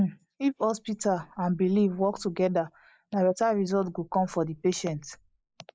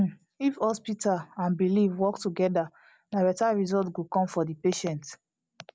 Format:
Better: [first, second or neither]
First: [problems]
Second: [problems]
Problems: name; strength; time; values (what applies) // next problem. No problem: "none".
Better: second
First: noise reduction (neural mask model Resemble Enhance denoiser)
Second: none